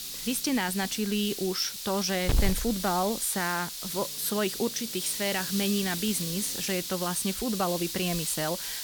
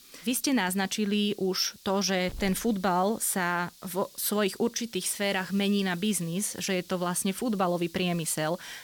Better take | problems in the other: second | hiss; loud; throughout; 3 dB below the speech; faint in the second

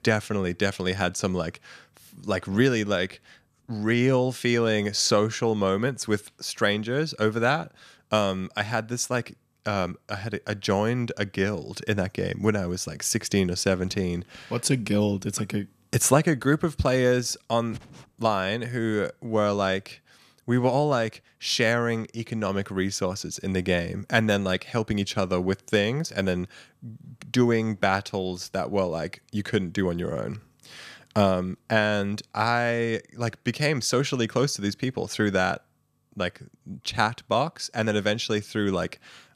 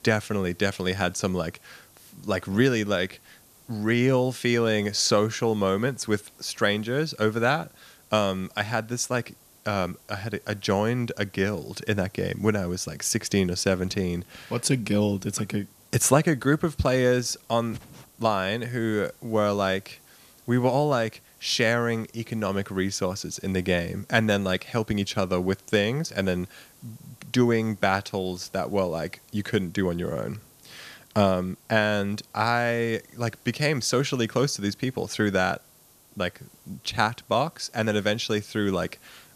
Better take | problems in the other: first | hiss; faint; throughout; 25 dB below the speech

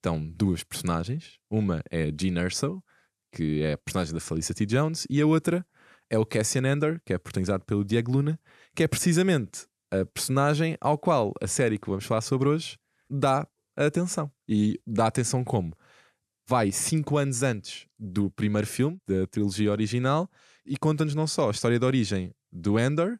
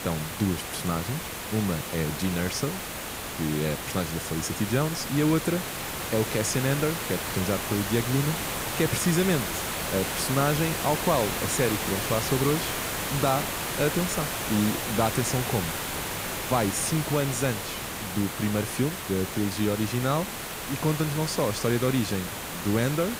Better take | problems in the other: first | hiss; loud; throughout; 3 dB below the speech

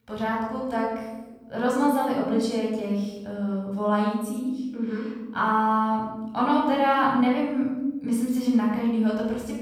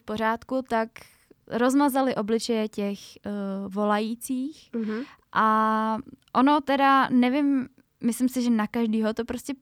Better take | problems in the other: second | off-mic speech; far // room echo; noticeable; dies away in 1.1 s

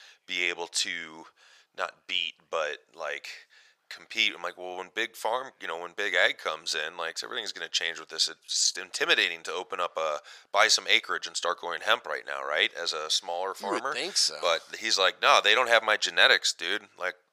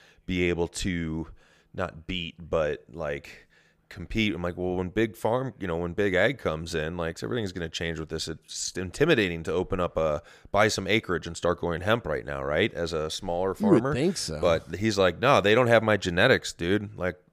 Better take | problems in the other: second | thin; very; fading below 850 Hz

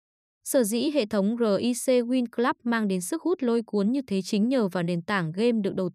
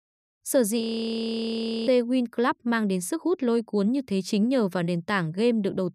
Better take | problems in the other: first | audio freezing; at 1 s for 1 s

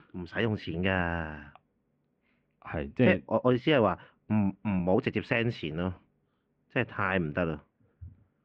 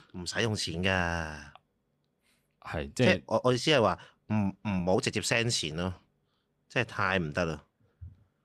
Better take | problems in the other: second | muffled; very; fading above 2.5 kHz

